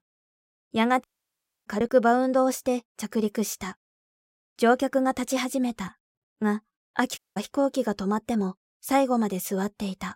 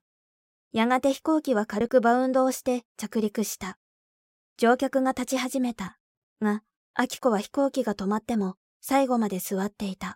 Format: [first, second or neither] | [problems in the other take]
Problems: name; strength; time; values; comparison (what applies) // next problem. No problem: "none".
second | audio cutting out; at 1 s for 0.5 s and at 7 s